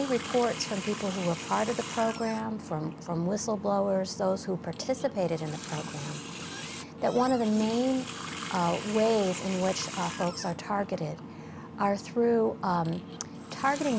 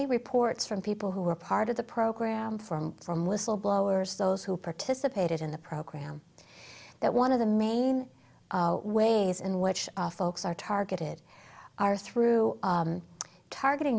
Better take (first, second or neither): second